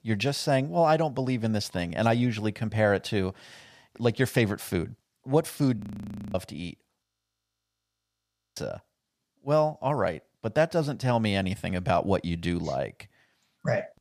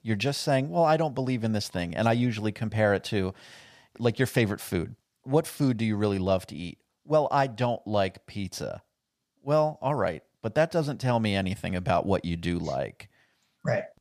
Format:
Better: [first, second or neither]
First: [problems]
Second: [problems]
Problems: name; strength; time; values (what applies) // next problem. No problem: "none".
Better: second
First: audio freezing; at 6 s for 0.5 s and at 7 s for 1.5 s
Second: none